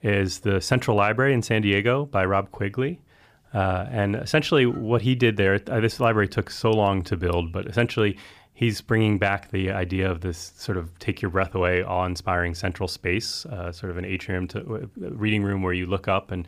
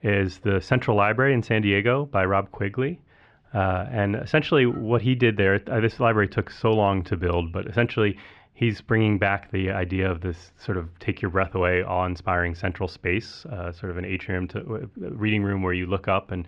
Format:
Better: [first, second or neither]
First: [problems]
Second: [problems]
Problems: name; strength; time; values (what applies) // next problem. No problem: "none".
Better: first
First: none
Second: muffled; slightly; fading above 2.5 kHz